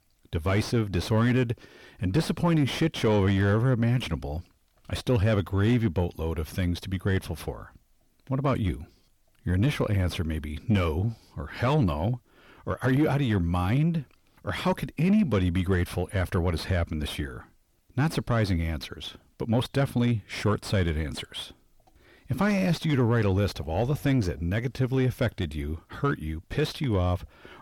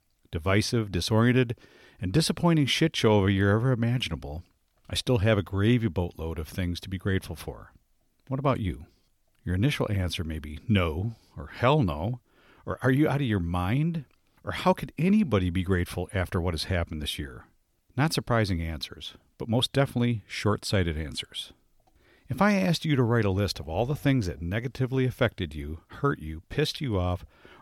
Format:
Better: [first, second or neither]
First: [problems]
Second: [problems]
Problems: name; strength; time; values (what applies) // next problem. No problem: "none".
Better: second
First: distortion; slight; 10 dB below the speech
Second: none